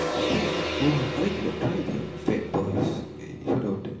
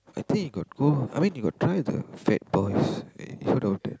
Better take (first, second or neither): second